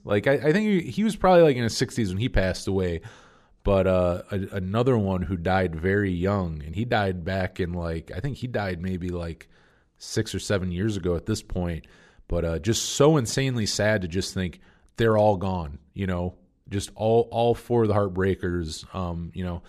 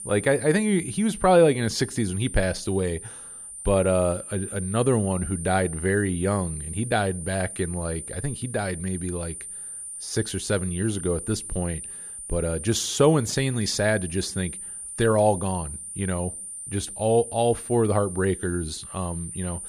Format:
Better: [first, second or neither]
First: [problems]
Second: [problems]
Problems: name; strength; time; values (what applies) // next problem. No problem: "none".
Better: first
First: none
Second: high-pitched whine; loud; throughout; 9 kHz, 9 dB below the speech